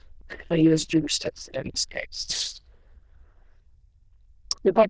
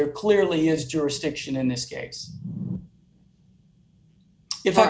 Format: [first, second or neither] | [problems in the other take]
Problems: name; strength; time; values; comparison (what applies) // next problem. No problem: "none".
second | noise reduction (neural diffusion model UNIVERSE++)